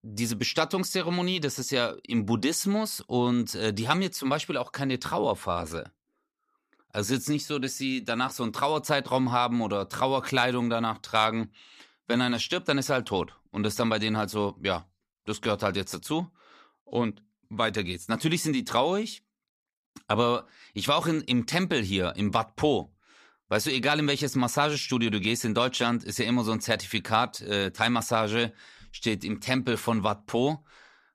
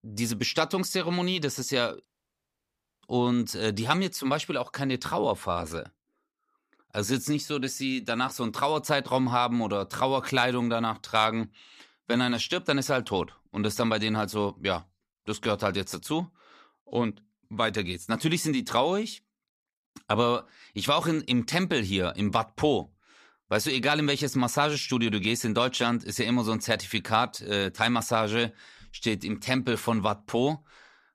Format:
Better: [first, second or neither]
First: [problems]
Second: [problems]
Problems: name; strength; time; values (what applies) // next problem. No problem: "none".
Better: first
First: none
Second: audio cutting out; at 2 s for 1 s